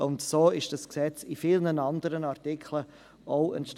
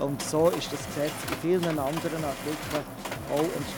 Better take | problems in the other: first | background sound (Drum kit + Mechanisms); 7 dB below the speech

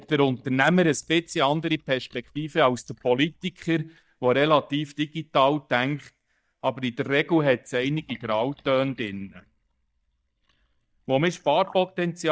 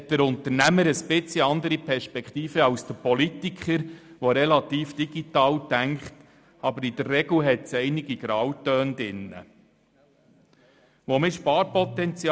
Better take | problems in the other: second | noise reduction (neural mask model DeepFilterNet 3)

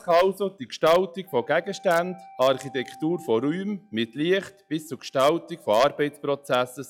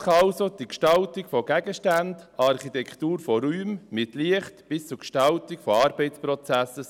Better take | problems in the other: second | noise reduction (classical method log-MMSE)

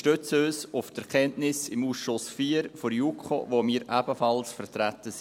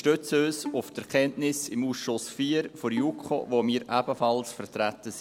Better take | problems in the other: first | background sound (Bowed string instrument); 17 dB below the speech

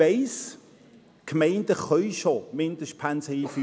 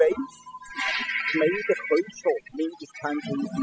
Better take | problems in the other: first | noise reduction (classical method spectral subtraction)

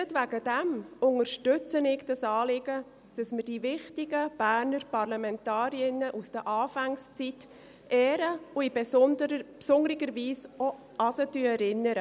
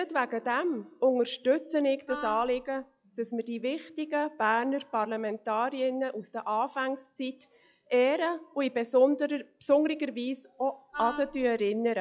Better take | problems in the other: first | noise reduction (classical method log-MMSE)

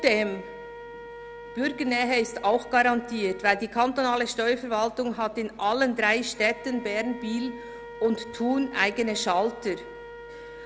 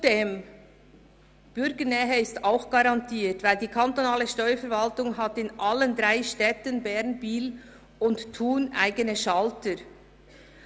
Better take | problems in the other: second | background sound (Wind instrument, woodwind instrument); 16 dB below the speech

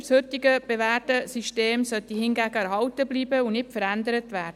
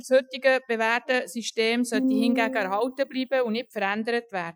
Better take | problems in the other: first | noise reduction (classical method Wiener filter)

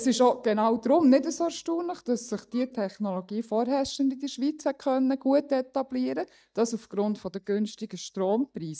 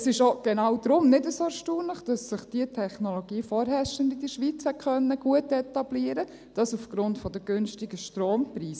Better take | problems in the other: second | noise reduction (neural mask model DeepFilterNet 3)

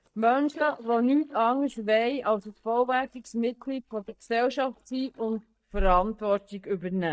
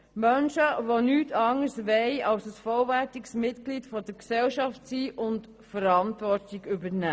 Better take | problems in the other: second | noise reduction (neural mask model DeepFilterNet 3)

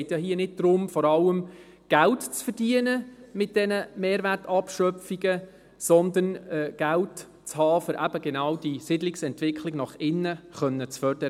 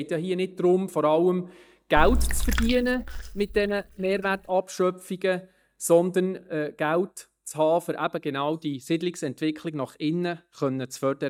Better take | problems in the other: first | noise reduction (neural mask model DeepFilterNet 3)

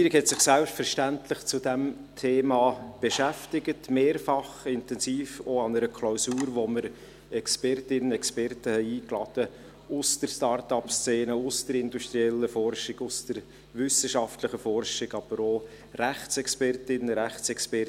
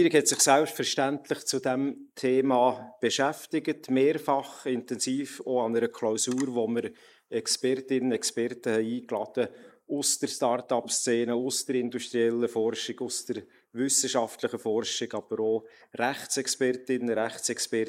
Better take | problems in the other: first | noise reduction (neural mask model Resemble Enhance denoiser)

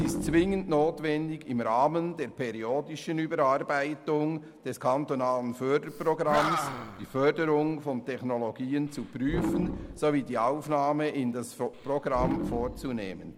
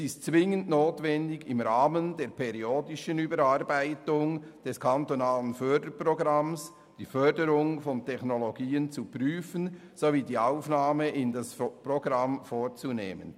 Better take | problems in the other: second | background sound (Animal); 9 dB below the speech

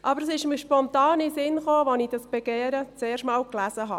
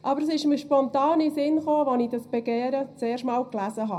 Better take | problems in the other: first | room echo; dies away in 0.3 s

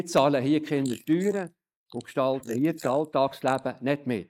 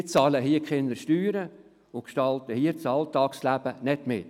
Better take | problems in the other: second | noise reduction (neural mask model Resemble Enhance denoiser)

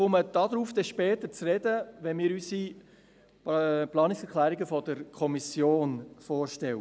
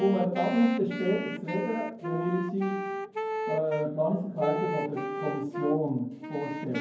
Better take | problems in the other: first | background sound (Wind instrument, woodwind instrument); 5 dB below the speech // room echo; dies away in 0.9 s

